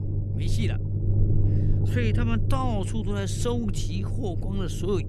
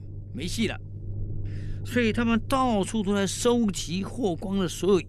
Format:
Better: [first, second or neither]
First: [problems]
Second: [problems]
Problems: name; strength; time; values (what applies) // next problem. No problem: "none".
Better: second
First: low rumble; loud; throughout; 6 dB below the speech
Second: low rumble; faint; throughout; 25 dB below the speech